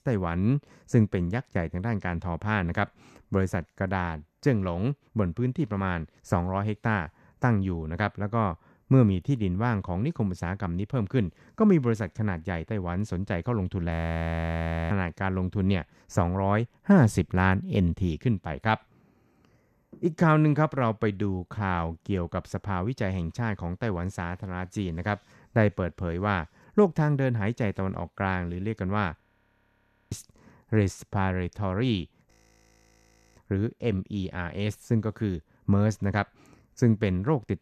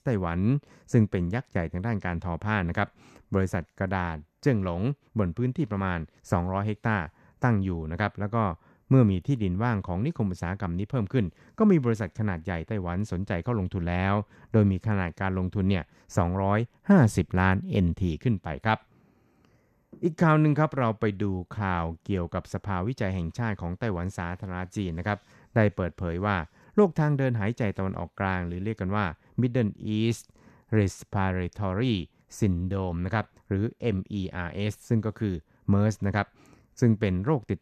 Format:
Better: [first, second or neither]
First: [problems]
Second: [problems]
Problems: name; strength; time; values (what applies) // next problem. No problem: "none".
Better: second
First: audio freezing; at 14 s for 1 s, at 29 s for 1 s and at 32 s for 1 s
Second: none